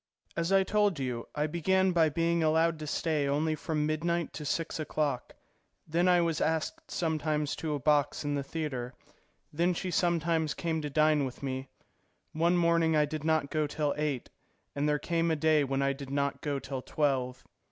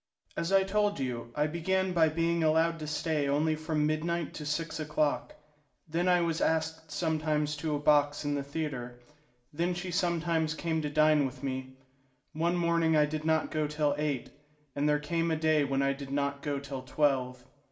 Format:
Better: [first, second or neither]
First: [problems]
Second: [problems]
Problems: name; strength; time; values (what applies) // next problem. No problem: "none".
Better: first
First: none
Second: room echo; dies away in 0.5 s